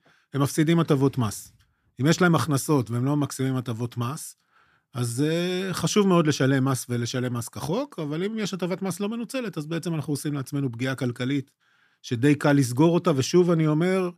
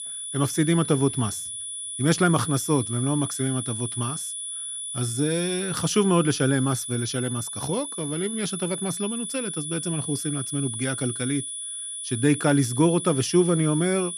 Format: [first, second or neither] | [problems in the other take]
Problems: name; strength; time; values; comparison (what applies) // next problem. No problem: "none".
first | high-pitched whine; loud; throughout; 10 kHz, 5 dB below the speech